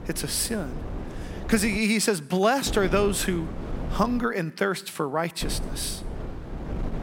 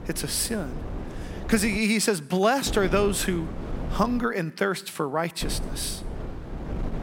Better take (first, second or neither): neither